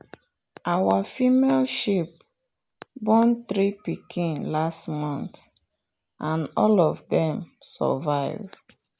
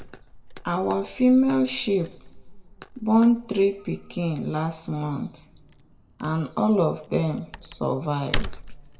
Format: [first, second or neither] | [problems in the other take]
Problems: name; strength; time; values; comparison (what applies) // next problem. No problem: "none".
first | background sound (Tearing / Wood); 11 dB below the speech // room echo; dies away in 0.6 s